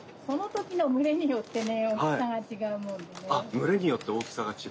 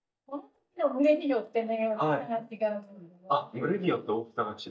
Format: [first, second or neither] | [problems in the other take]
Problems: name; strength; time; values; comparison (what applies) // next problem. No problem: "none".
first | noise reduction (neural mask model DeepFilterNet 3)